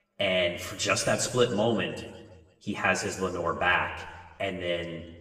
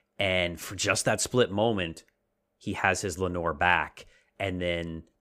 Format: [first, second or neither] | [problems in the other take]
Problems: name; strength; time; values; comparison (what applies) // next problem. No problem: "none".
second | room echo; slight; dies away in 1.2 s // off-mic speech; far